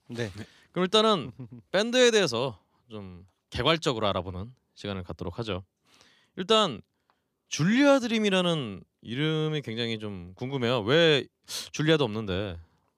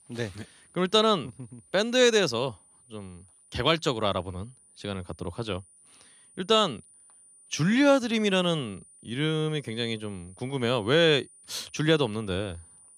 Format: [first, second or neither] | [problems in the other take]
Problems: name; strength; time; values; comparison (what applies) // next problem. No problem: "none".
first | high-pitched whine; faint; throughout; 9.5 kHz, 25 dB below the speech